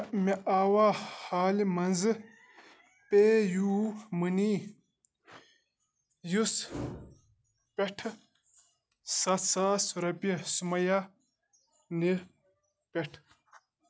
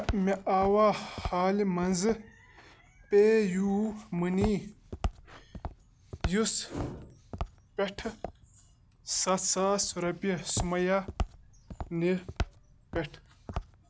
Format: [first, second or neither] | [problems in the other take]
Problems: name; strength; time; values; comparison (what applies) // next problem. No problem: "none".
first | background sound (Walk, footsteps); 10 dB below the speech